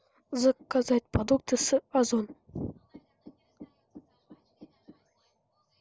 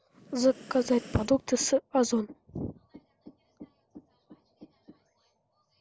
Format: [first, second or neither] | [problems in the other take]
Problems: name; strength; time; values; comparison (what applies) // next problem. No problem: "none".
first | background sound (Breathing); 17 dB below the speech